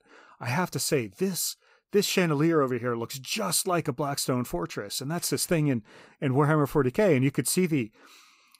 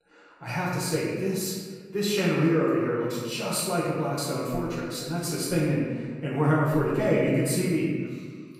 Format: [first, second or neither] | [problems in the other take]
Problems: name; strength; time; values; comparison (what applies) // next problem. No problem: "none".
first | room echo; noticeable; dies away in 1.4 s // off-mic speech; far